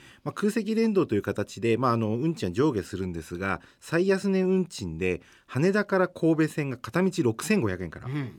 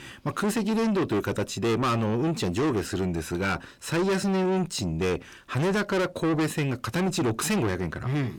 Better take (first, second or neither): first